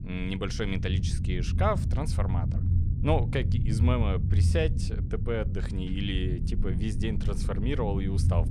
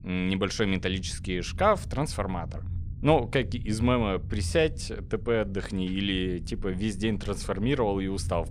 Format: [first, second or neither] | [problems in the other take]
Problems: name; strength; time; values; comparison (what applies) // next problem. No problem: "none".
second | low rumble; loud; throughout; 9 dB below the speech; faint in the second